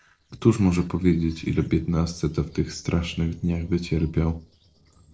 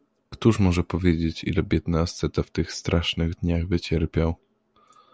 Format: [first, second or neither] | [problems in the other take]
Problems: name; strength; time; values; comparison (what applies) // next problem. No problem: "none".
second | noise reduction (neural separator model SepFormer DNS4)